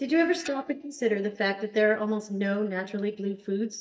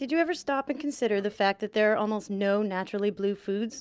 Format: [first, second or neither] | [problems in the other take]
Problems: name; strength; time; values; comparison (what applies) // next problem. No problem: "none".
second | noise reduction (neural mask model DeepFilterNet 3)